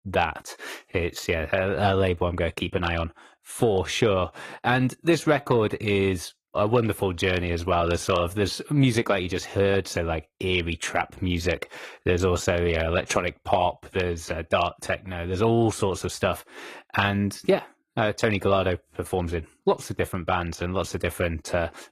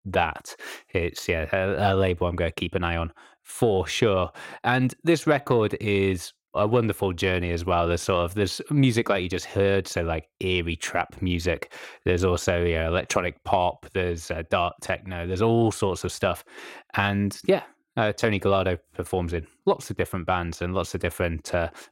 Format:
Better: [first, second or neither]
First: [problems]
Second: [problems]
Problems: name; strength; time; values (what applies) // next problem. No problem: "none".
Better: second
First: garbled, watery; slightly; nothing above 12.5 kHz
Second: none